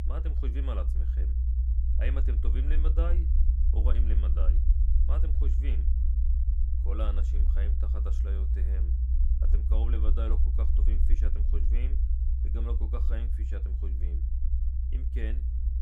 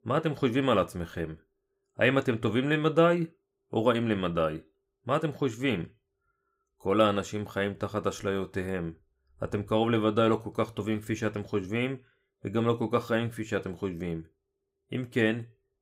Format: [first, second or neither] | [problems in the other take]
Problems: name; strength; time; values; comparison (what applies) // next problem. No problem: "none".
second | low rumble; loud; throughout; 3 dB below the speech